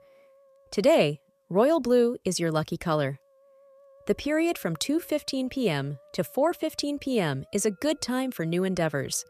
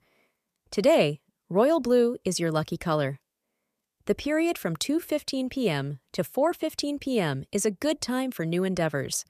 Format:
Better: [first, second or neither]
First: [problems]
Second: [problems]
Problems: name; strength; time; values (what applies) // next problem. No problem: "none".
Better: second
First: background music; faint; throughout; 30 dB below the speech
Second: none